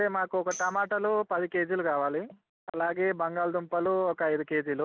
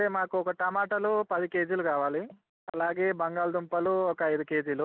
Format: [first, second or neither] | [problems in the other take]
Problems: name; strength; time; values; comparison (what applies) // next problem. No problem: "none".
second | background sound (Tambourine); 19 dB below the speech